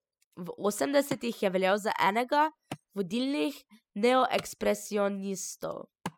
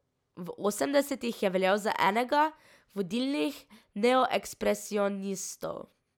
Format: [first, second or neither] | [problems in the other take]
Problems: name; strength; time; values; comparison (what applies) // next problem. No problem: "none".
second | noise reduction (classical method spectral subtraction)